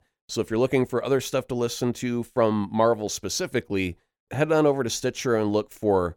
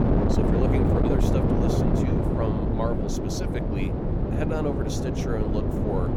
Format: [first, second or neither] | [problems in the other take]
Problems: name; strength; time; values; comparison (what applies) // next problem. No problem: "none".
first | wind noise on the microphone; heavy; 4 dB above the speech